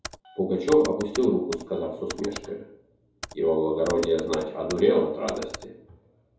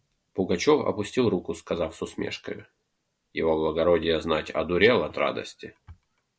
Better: second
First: background sound (Computer keyboard); 15 dB below the speech // room echo; dies away in 2.7 s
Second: none

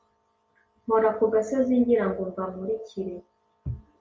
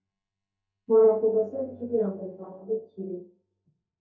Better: first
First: none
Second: noise reduction (neural mask model DeepFilterNet 3)

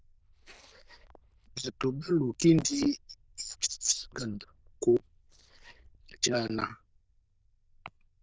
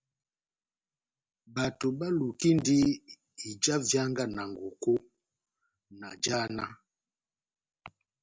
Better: second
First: noise reduction (neural diffusion model UNIVERSE++)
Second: none

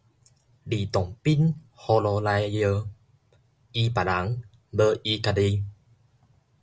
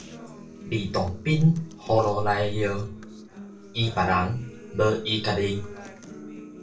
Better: first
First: none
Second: background sound (Acoustic guitar); 16 dB below the speech // room echo; dies away in 0.3 s

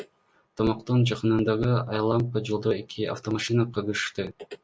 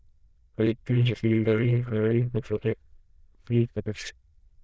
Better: first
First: none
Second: noise reduction (neural diffusion model UNIVERSE++)

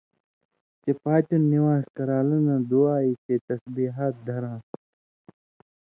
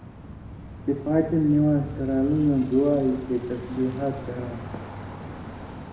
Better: first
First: none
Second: background sound (Bicycle); 12 dB below the speech // room echo; dies away in 1 s

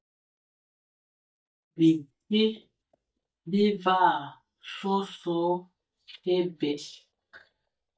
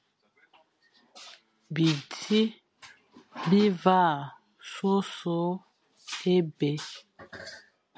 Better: second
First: noise reduction (neural mask model DeepFilterNet 3)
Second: none

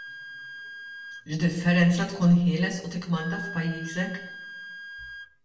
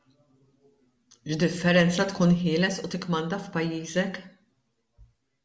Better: second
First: background sound (Wind instrument, woodwind instrument); 15 dB below the speech // room echo; dies away in 0.6 s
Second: none

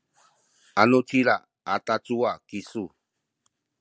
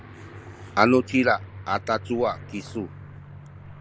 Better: first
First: none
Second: background sound (Aircraft); 15 dB below the speech

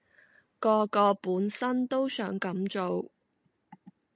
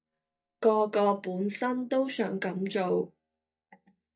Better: first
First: none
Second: noise reduction (neural mask model DeepFilterNet 3)

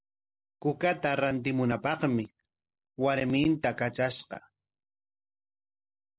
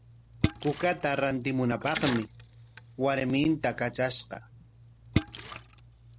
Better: first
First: none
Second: background sound (Splash, splatter); 7 dB below the speech

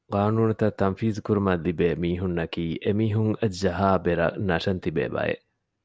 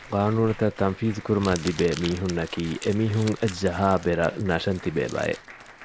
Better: first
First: none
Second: background sound (Applause + Crumpling, crinkling); 16 dB below the speech

